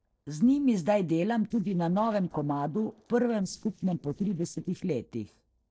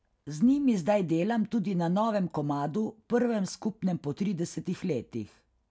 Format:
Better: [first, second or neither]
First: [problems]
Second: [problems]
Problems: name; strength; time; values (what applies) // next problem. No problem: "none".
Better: second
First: noise reduction (neural separator model SepFormer DNS4)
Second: none